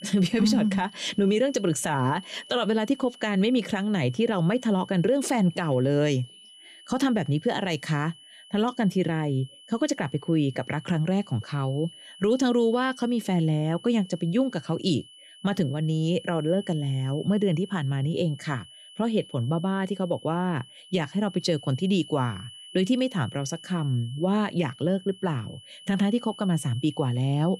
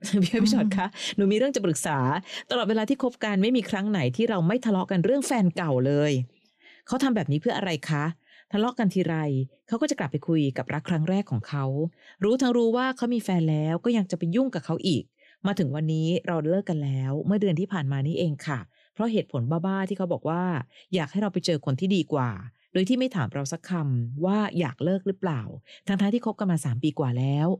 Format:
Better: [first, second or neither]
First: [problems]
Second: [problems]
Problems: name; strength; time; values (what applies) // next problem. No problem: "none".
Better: second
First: high-pitched whine; noticeable; throughout; 3 kHz, 20 dB below the speech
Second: none